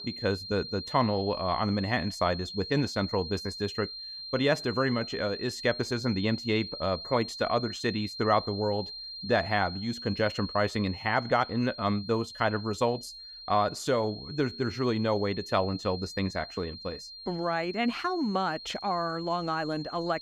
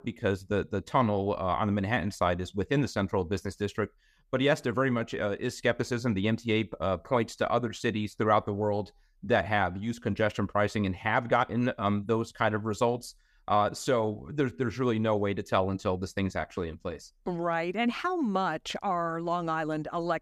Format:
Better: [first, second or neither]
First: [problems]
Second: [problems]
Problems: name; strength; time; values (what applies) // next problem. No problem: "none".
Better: second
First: high-pitched whine; loud; throughout; 4 kHz, 10 dB below the speech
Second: none